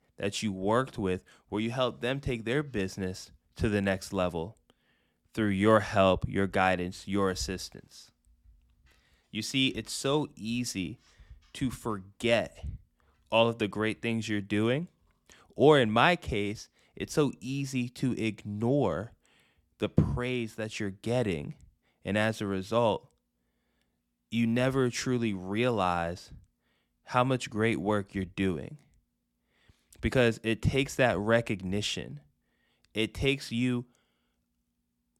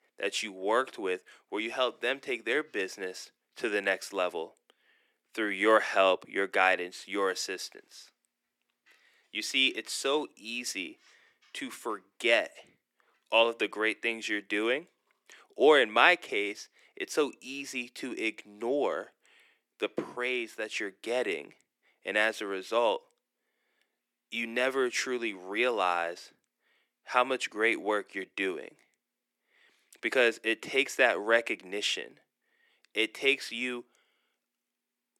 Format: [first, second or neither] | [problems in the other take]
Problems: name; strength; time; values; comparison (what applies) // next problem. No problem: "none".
first | thin; somewhat; fading below 350 Hz